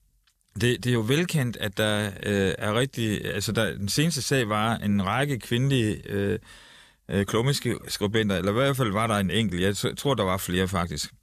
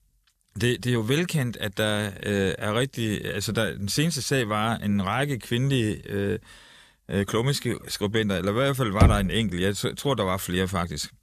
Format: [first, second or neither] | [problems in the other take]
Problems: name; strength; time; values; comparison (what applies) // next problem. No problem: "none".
first | door banging; loud; at 9 s; peak 4 dB above the speech